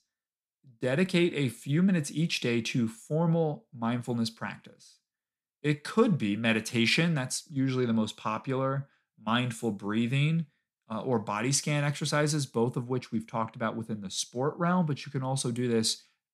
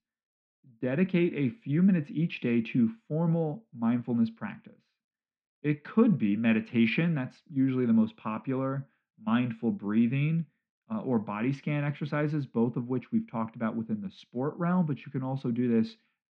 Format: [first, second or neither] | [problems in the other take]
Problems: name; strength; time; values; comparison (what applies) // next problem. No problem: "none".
first | muffled; very; fading above 2.5 kHz